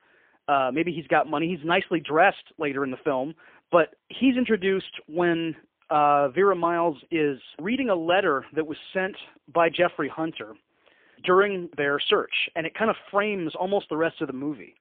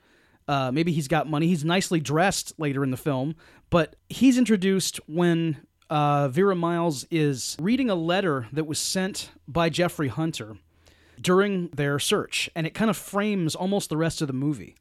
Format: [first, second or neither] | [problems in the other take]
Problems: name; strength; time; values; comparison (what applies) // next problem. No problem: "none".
second | phone-call audio; poor line; nothing above 3.5 kHz